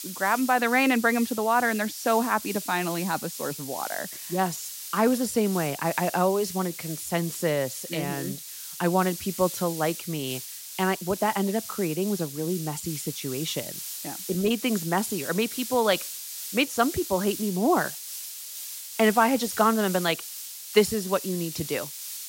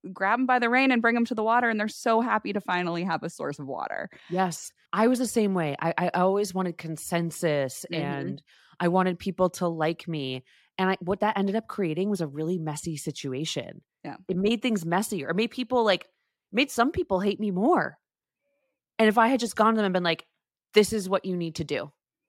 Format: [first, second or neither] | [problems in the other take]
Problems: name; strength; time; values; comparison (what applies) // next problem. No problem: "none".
second | hiss; loud; throughout; 9 dB below the speech